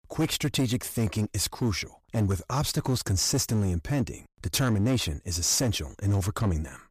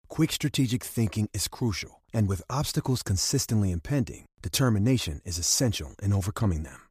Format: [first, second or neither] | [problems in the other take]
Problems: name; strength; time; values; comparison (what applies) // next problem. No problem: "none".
second | distortion; slight; 10% of the sound clipped